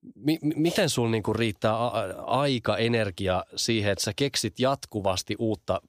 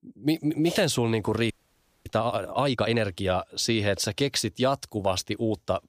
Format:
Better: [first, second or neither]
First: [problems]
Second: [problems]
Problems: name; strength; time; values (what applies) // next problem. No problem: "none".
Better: first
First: none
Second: audio freezing; at 1.5 s for 0.5 s